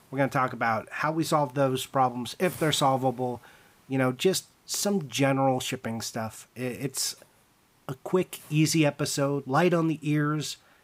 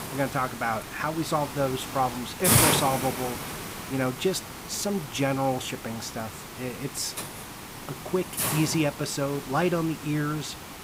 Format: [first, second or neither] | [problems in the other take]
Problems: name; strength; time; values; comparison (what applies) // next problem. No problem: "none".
first | hiss; loud; throughout; 2 dB below the speech; faint in the first